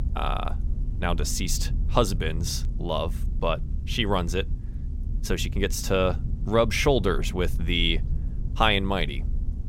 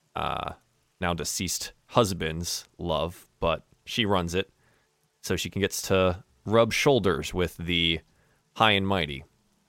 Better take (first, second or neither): second